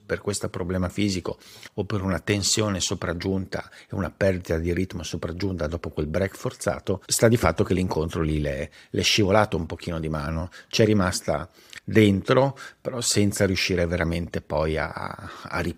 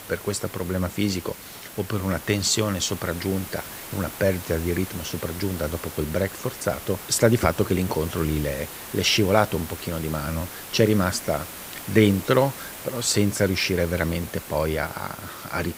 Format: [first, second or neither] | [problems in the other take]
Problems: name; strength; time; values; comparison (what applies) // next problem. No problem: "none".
first | hiss; noticeable; throughout; 10 dB below the speech